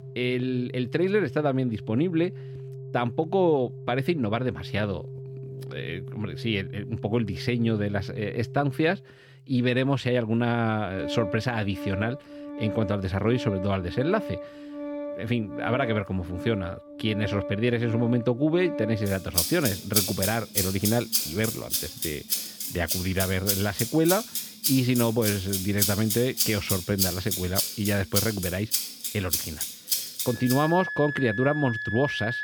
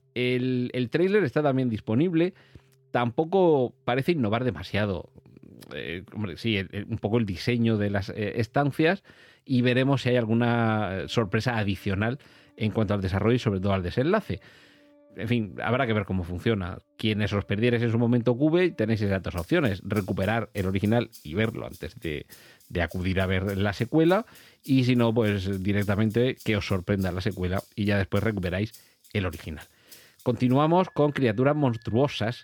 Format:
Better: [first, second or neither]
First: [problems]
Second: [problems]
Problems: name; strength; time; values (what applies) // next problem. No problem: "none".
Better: second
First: background music; loud; throughout; 4 dB below the speech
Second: background music; faint; throughout; 30 dB below the speech